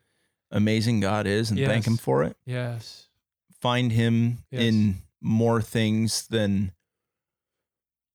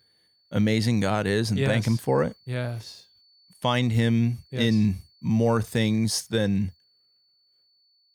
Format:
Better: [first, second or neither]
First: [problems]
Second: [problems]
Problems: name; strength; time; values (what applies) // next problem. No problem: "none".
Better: first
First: none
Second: high-pitched whine; faint; throughout; 4.5 kHz, 35 dB below the speech